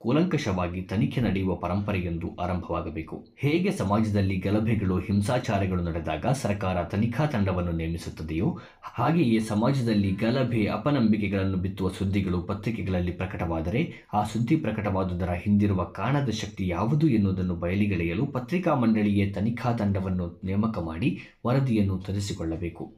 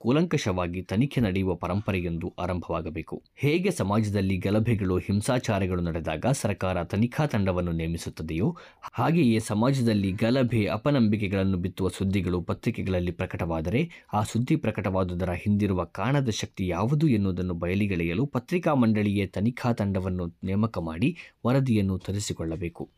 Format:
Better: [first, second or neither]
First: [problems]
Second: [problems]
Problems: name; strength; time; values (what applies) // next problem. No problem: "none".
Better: second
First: room echo; very slight; dies away in 0.3 s // off-mic speech; somewhat distant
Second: none